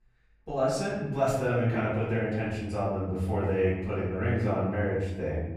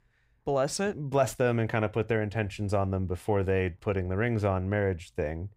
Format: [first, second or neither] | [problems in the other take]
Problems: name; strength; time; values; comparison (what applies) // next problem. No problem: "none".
second | room echo; noticeable; dies away in 1.1 s // off-mic speech; far